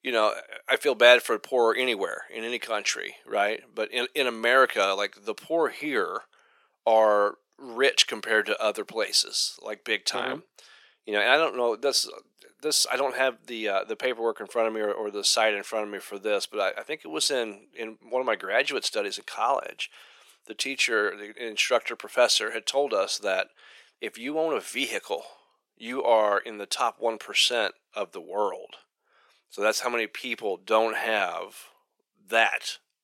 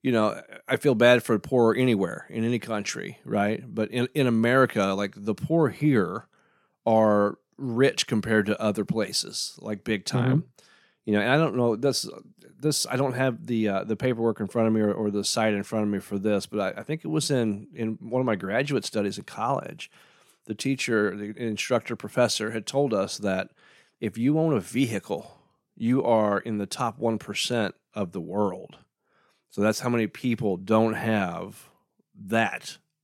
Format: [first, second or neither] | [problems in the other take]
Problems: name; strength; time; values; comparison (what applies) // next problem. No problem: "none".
second | thin; very; fading below 450 Hz